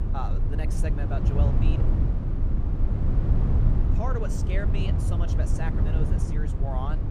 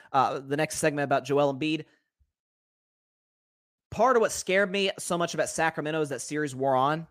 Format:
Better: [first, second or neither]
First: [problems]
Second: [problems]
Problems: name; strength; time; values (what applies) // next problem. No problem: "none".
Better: second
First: low rumble; loud; throughout; 1 dB below the speech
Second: none